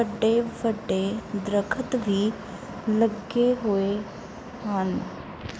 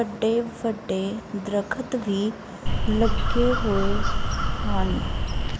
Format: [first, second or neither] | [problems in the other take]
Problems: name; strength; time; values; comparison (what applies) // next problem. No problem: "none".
first | background sound (Crow); 4 dB above the speech